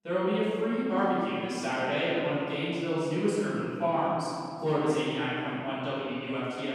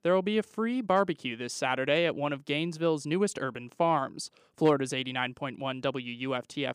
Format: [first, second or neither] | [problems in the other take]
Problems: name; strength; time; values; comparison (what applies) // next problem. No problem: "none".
second | off-mic speech; far // room echo; strong; dies away in 2.4 s